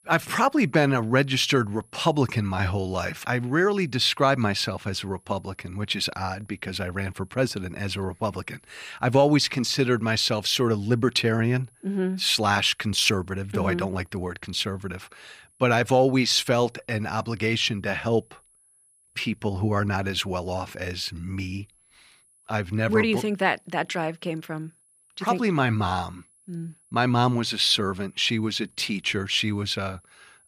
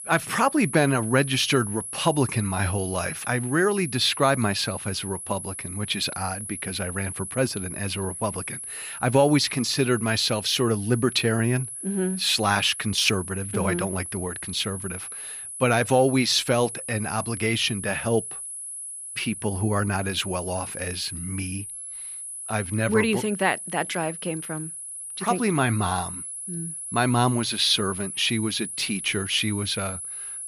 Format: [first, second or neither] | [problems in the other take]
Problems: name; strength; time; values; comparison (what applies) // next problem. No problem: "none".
first | high-pitched whine; loud; throughout; 10.5 kHz, 8 dB below the speech; faint in the first